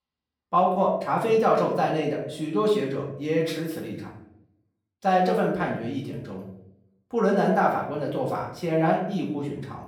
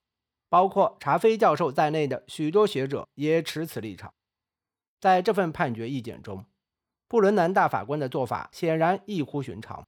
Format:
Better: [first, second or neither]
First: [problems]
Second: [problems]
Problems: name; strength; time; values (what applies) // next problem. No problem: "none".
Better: second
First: room echo; noticeable; dies away in 0.6 s // off-mic speech; far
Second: none